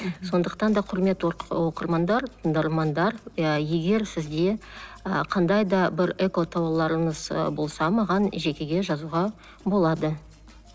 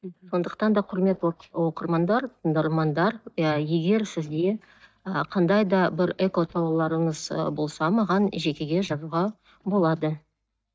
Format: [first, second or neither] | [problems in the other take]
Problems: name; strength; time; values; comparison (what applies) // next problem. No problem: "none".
first | noise reduction (neural mask model DeepFilterNet 3)